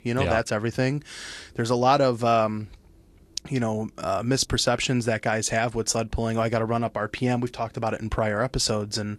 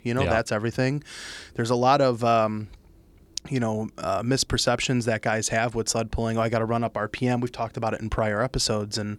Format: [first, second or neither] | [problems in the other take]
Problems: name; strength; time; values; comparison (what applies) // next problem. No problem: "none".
second | garbled, watery; slightly; nothing above 11.5 kHz